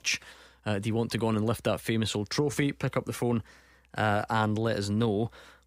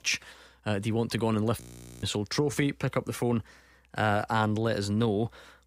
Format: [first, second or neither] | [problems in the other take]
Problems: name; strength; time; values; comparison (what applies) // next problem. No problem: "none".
first | audio freezing; at 1.5 s